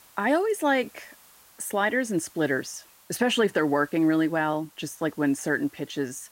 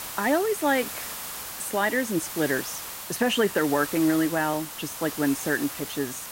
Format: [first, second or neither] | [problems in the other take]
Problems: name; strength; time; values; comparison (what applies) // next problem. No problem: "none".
first | hiss; loud; throughout; 8 dB below the speech; faint in the first